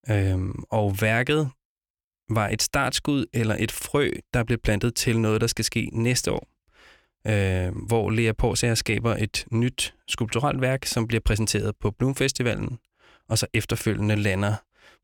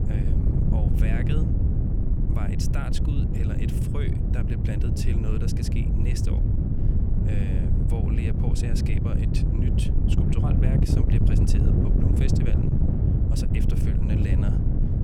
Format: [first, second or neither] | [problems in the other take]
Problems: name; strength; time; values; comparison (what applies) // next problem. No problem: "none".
first | wind noise on the microphone; heavy; 4 dB above the speech